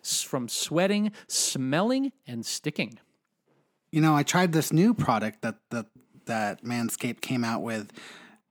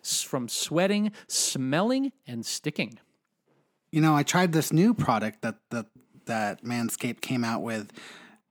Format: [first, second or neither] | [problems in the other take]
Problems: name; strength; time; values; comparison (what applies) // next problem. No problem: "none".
neither | none